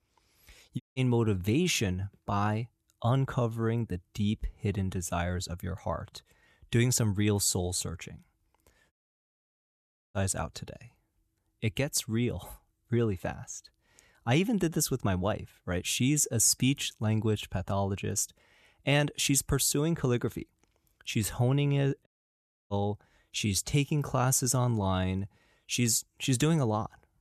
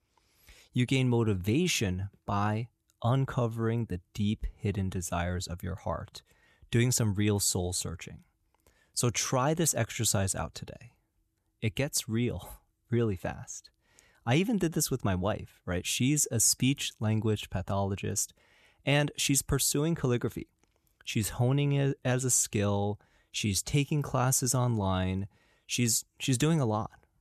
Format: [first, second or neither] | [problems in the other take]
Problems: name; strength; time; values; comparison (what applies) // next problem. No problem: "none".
second | audio cutting out; at 1 s, at 9 s for 1 s and at 22 s for 0.5 s